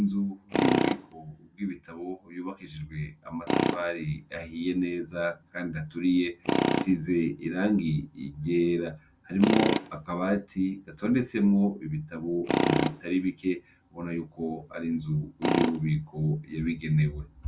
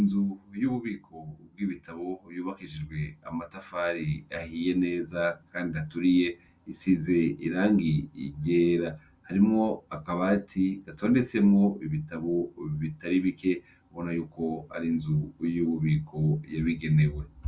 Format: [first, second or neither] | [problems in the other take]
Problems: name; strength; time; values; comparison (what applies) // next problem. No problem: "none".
second | background sound (Tools); 4 dB below the speech